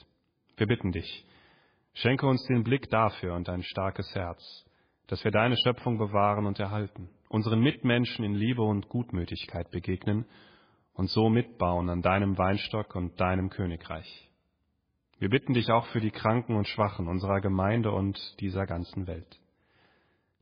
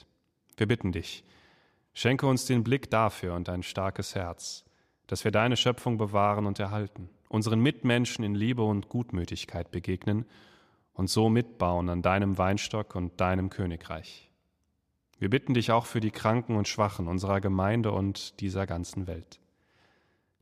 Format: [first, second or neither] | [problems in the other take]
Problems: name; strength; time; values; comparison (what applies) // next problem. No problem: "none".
second | garbled, watery; badly; nothing above 4.5 kHz